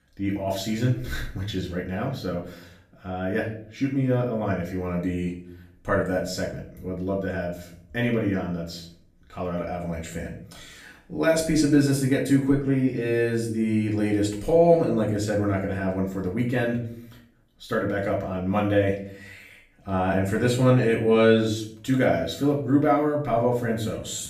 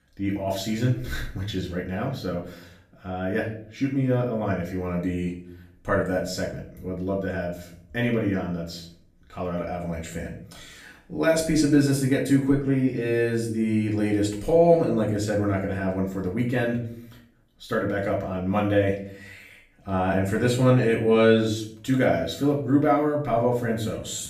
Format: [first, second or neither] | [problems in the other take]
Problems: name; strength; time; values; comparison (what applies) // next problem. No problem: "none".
neither | room echo; slight; dies away in 0.5 s; the same in both // off-mic speech; far; the same in both